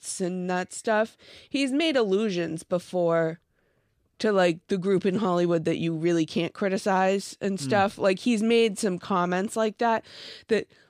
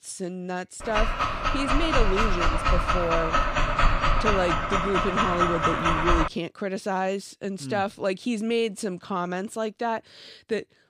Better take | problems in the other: first | dog barking; loud; from 1 to 6.5 s; peak 6 dB above the speech

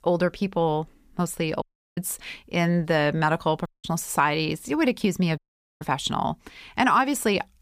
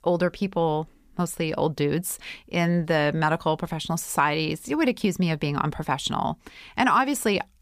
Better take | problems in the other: second | audio cutting out; at 1.5 s, at 3.5 s and at 5.5 s

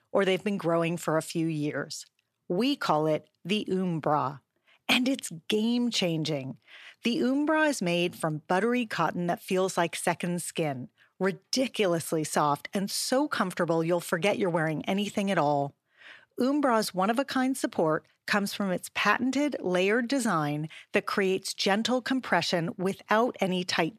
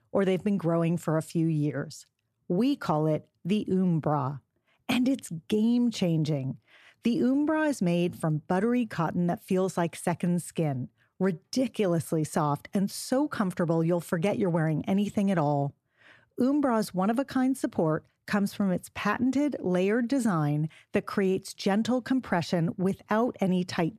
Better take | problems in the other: second | thin; very slightly; fading below 850 Hz

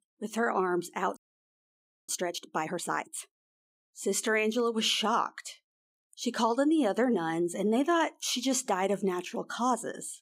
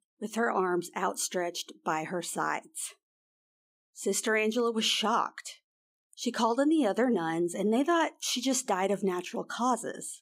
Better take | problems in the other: second | audio freezing; at 1 s for 1 s

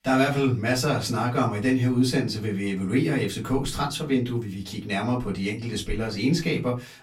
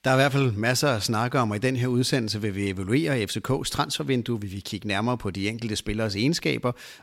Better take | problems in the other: second | off-mic speech; far // room echo; very slight; dies away in 0.2 s

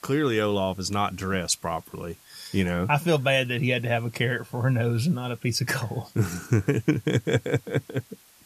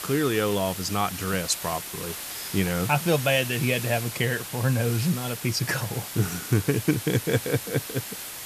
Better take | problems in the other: first | hiss; loud; throughout; 8 dB below the speech; faint in the first

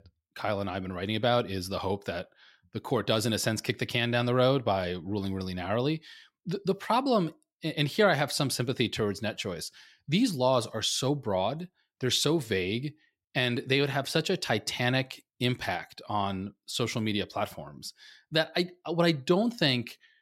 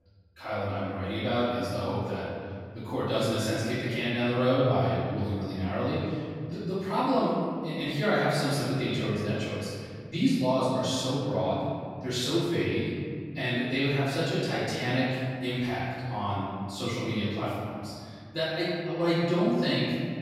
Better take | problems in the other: first | off-mic speech; far // room echo; strong; dies away in 2.4 s

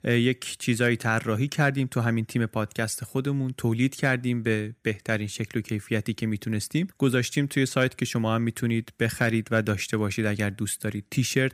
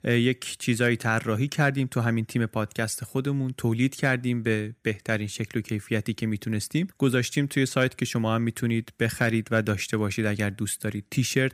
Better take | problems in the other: neither | none

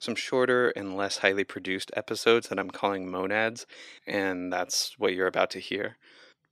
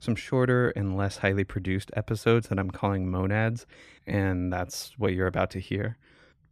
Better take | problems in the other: second | thin; somewhat; fading below 400 Hz

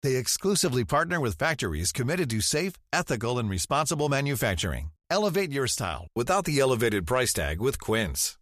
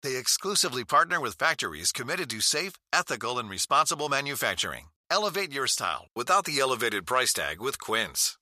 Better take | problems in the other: first | thin; somewhat; fading below 650 Hz

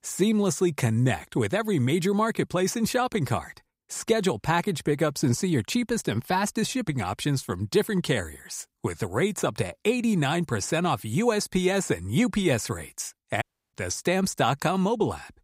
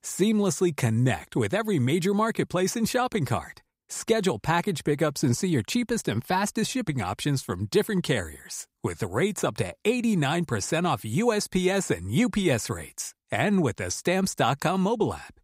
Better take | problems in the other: second | audio cutting out; at 13 s

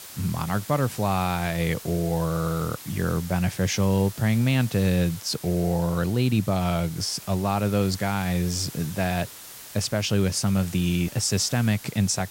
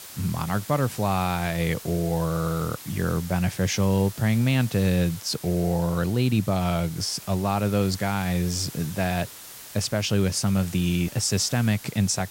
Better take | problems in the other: neither | hiss; noticeable; throughout; 15 dB below the speech; the same in both

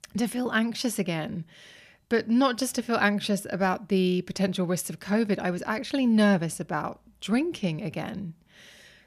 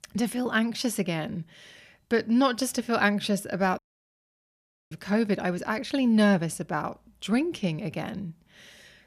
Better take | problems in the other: first | audio cutting out; at 4 s for 1 s

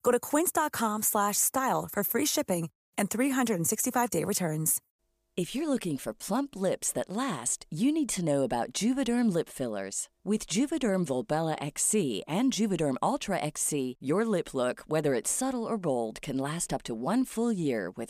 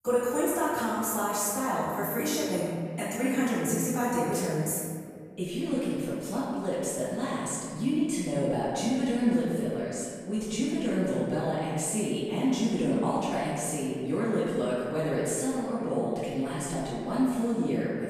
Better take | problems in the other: first | off-mic speech; far // room echo; strong; dies away in 2 s

